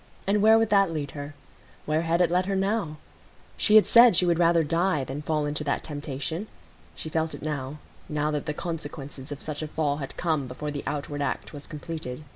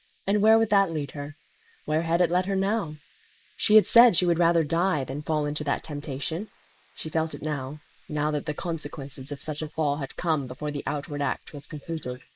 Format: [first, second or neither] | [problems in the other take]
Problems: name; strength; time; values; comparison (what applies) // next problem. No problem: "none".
first | noise reduction (neural mask model Resemble Enhance denoiser)